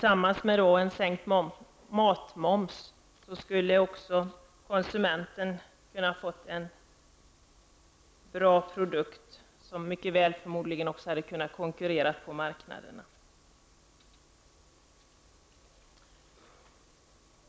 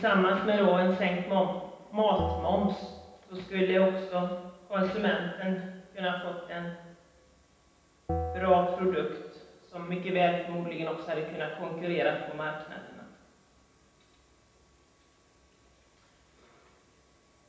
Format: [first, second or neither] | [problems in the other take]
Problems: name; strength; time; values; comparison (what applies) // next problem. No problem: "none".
first | background sound (Bell); 8 dB below the speech // room echo; dies away in 0.9 s